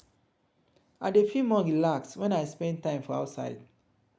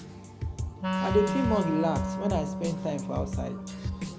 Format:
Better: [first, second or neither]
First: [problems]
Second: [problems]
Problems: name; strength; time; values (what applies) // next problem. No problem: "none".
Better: first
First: none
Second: background sound (Wind instrument, woodwind instrument + Drum kit); as loud as the speech